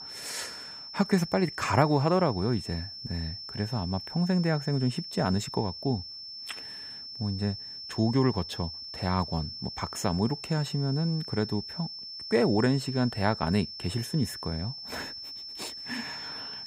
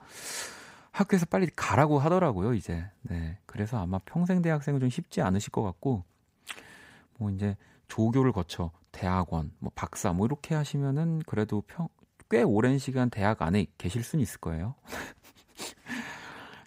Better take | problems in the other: second | high-pitched whine; loud; throughout; 5.5 kHz, 9 dB below the speech

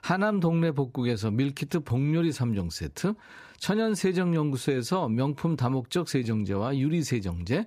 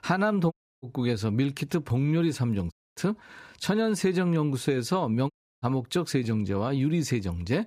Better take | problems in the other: first | audio cutting out; at 0.5 s, at 2.5 s and at 5.5 s

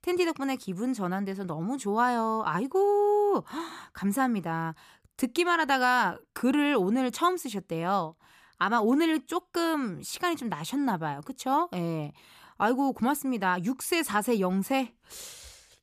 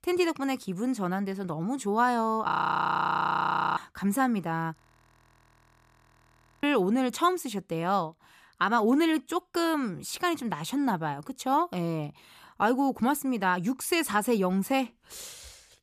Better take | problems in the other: first | audio freezing; at 2.5 s for 1.5 s and at 5 s for 2 s

